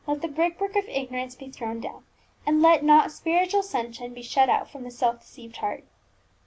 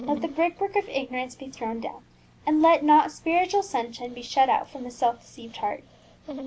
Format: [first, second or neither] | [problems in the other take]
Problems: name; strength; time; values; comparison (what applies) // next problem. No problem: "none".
first | background sound (Dog); 19 dB below the speech